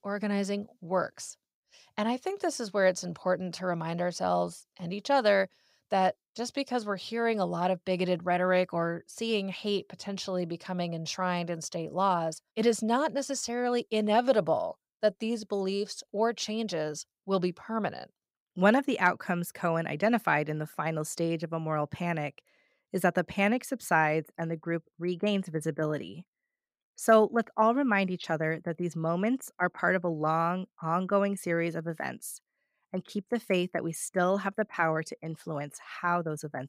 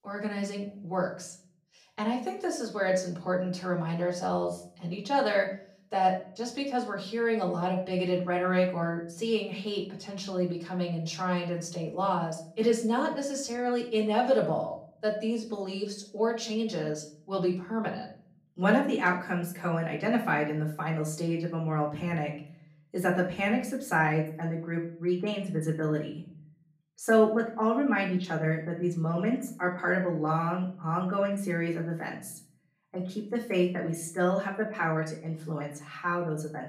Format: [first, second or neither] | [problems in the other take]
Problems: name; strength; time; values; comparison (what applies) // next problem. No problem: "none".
first | room echo; slight; dies away in 0.5 s // off-mic speech; far